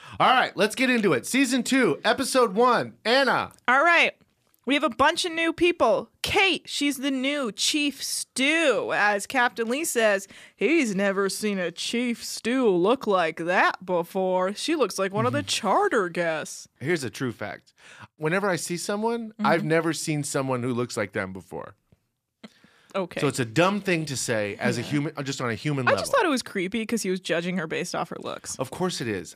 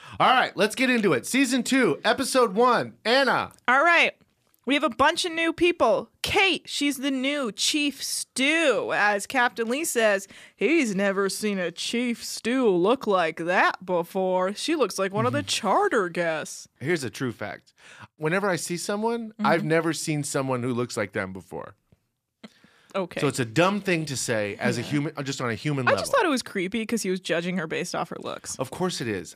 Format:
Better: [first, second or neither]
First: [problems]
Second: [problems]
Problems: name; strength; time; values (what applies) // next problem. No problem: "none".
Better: neither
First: none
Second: none